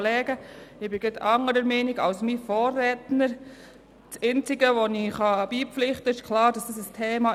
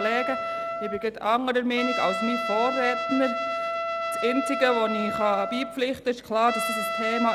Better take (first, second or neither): first